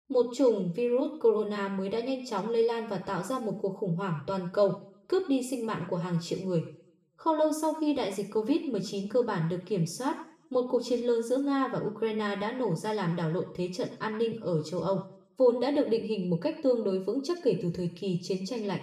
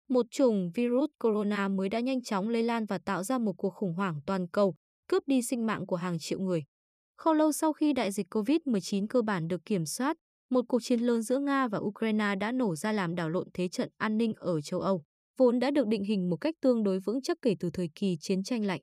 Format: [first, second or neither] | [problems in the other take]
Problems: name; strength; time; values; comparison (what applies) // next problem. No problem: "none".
second | room echo; slight; dies away in 0.5 s // off-mic speech; somewhat distant